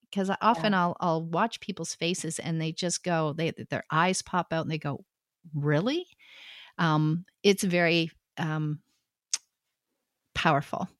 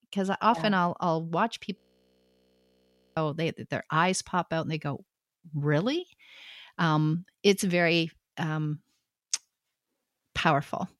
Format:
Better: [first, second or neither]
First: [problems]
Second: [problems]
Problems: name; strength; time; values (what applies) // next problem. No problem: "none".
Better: first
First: none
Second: audio freezing; at 2 s for 1.5 s